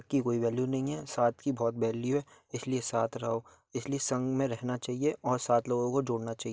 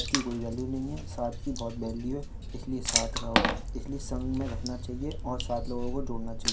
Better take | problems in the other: first | background sound (Water / Splash, splatter); 2 dB above the speech // room echo; dies away in 0.3 s

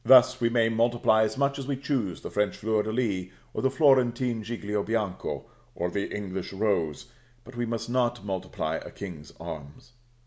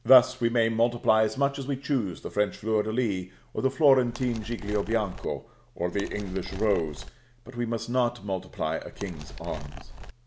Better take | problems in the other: first | background sound (Animal); 11 dB below the speech

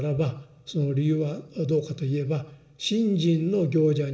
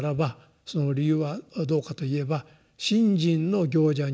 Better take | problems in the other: second | room echo; dies away in 0.9 s

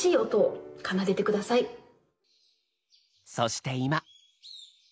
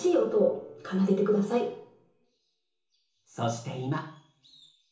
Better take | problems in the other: first | room echo; dies away in 0.8 s

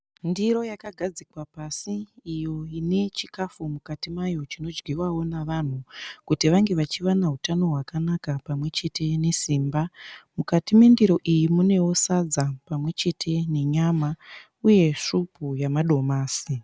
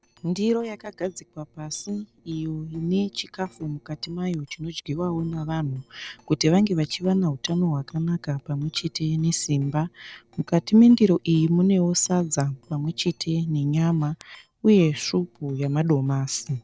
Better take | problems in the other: first | noise reduction (neural separator model SepFormer DNS4)

